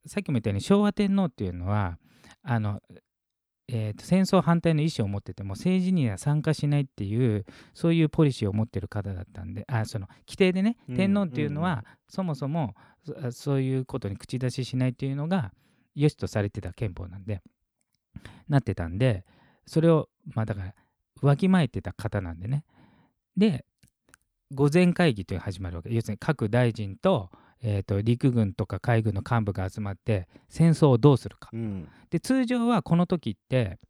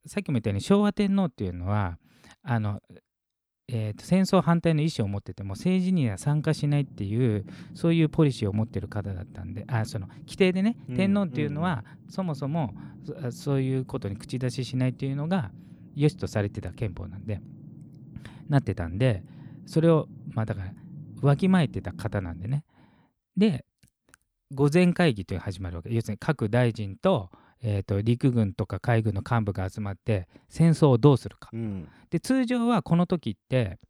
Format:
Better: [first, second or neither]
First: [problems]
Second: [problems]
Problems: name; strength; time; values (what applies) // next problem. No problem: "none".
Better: first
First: none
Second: low rumble; faint; from 6 to 22 s; 25 dB below the speech